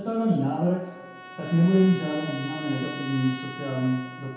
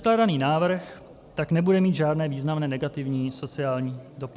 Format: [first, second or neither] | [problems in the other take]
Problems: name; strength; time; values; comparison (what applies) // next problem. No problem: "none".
second | background sound (Trumpet); 15 dB below the speech // room echo; dies away in 0.8 s